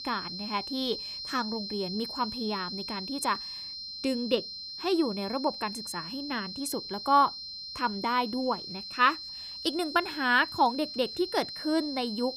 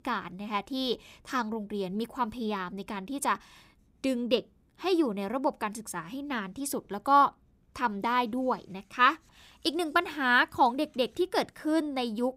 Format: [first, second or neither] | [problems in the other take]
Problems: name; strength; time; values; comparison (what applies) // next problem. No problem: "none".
second | high-pitched whine; loud; throughout; 4 kHz, 7 dB below the speech